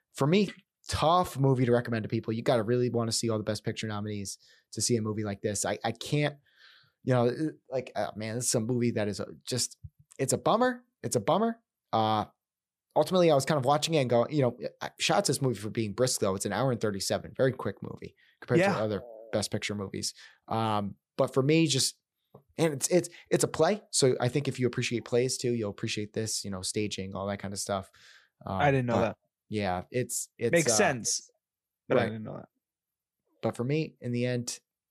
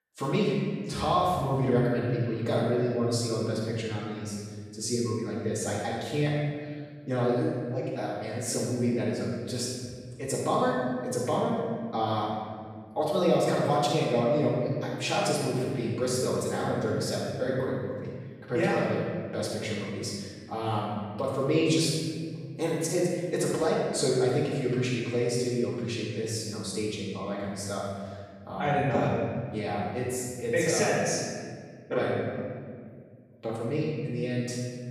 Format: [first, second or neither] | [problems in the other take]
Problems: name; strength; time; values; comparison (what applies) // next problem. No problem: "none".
first | off-mic speech; far // room echo; strong; dies away in 1.8 s